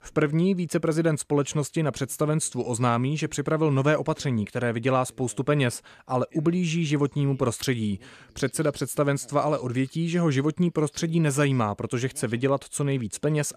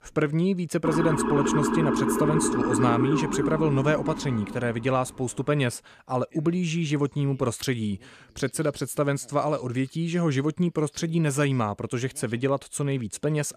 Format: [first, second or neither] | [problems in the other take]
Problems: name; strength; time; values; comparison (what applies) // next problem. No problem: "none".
first | siren; loud; from 1 to 4.5 s; peak 2 dB above the speech